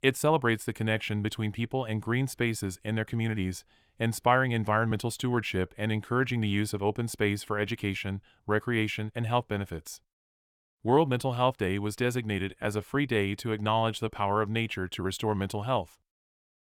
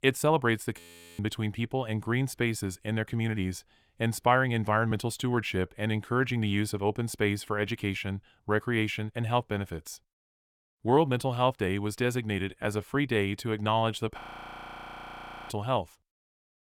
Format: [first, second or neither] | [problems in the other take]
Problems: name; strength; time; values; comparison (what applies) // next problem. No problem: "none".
first | audio freezing; at 1 s and at 14 s for 1.5 s